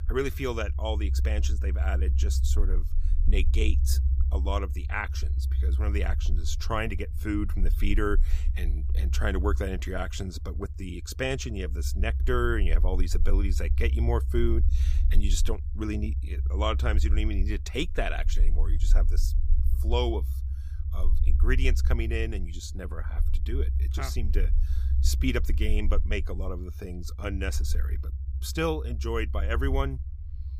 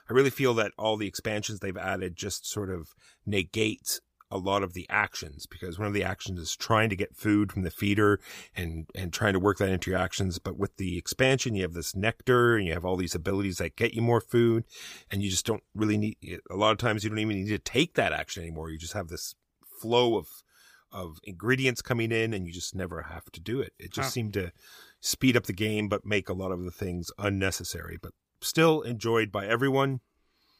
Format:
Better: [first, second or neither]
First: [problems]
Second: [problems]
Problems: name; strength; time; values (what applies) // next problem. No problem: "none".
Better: second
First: low rumble; noticeable; throughout; 15 dB below the speech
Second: none